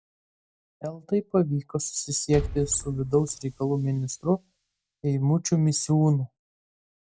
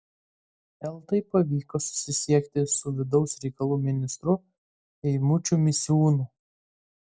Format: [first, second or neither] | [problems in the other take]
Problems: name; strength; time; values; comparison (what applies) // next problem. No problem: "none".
second | background sound (Liquid); 14 dB below the speech